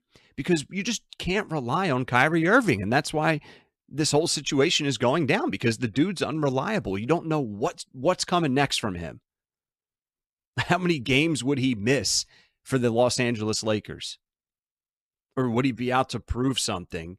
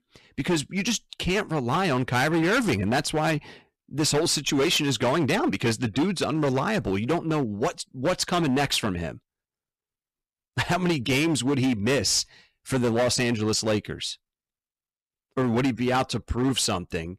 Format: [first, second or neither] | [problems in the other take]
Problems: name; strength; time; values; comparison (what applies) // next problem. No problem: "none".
first | distortion; heavy; 13% of the sound clipped